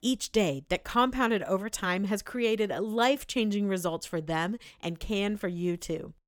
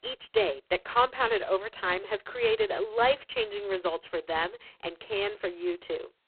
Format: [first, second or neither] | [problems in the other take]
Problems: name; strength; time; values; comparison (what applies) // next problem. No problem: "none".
first | phone-call audio; poor line; nothing above 3.5 kHz